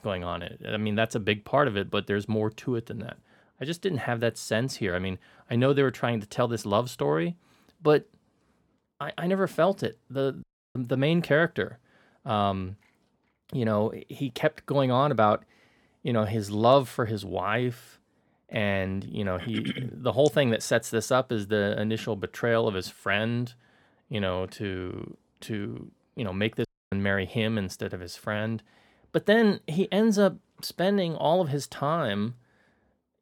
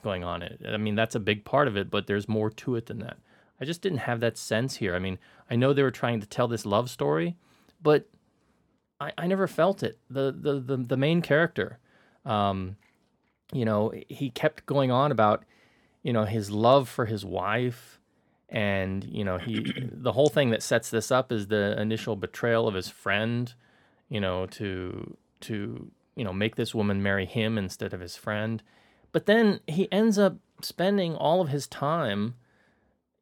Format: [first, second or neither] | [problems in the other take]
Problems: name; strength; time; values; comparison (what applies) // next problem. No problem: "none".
second | audio cutting out; at 10 s and at 27 s